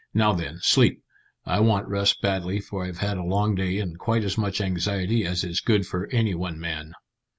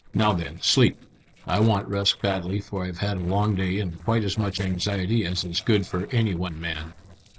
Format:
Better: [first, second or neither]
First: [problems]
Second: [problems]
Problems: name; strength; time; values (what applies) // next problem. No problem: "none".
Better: first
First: none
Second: noise reduction (neural separator model SepFormer DNS4)